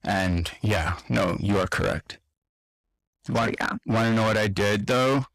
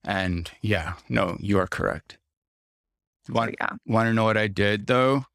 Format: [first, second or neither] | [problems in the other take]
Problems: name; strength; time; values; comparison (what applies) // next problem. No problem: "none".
second | distortion; heavy; 5 dB below the speech